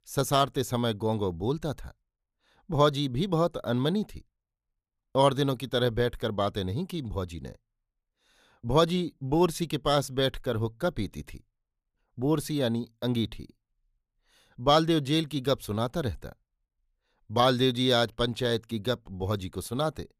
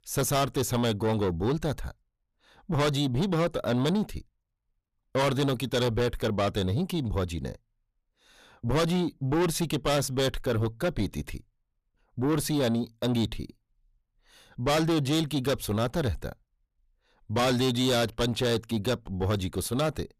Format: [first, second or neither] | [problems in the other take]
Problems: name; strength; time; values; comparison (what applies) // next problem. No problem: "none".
first | distortion; heavy; 6 dB below the speech